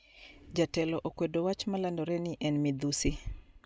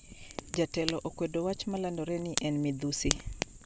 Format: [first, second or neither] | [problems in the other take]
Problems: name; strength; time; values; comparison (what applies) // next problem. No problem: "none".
first | background sound (Fire); 7 dB below the speech